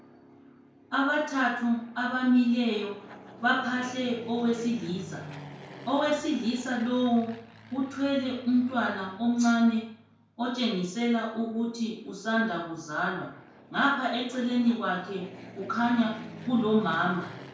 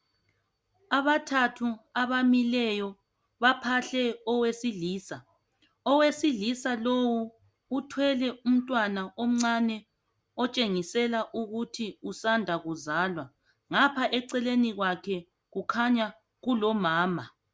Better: second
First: background sound (Fixed-wing aircraft, airplane); 18 dB below the speech // room echo; dies away in 0.5 s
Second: none

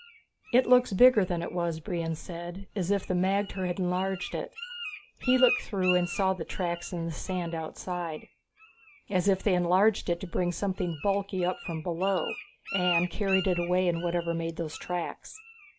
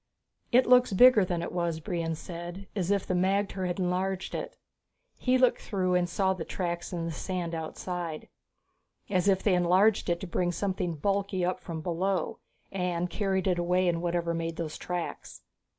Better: second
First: background sound (Bird); 12 dB below the speech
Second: none

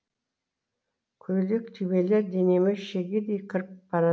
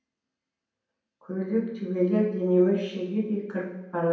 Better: first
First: none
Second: room echo; dies away in 0.9 s

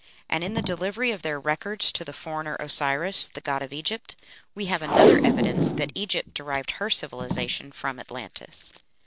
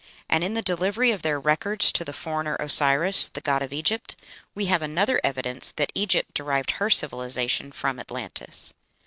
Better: second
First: background sound (Packing tape, duct tape); 2 dB above the speech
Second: none

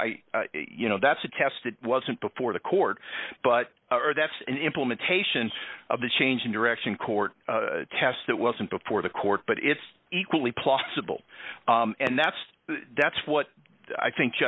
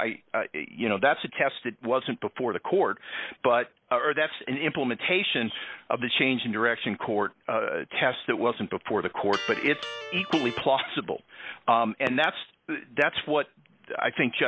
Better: first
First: none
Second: background sound (Electric guitar); 11 dB below the speech

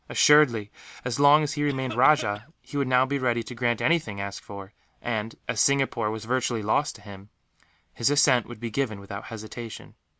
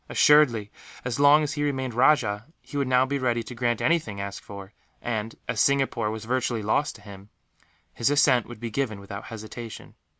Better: second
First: background sound (Cough); 15 dB below the speech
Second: none

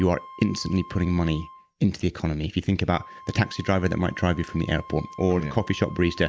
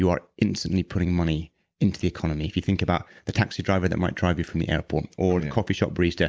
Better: second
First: background sound (Wind instrument, woodwind instrument); 20 dB below the speech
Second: none

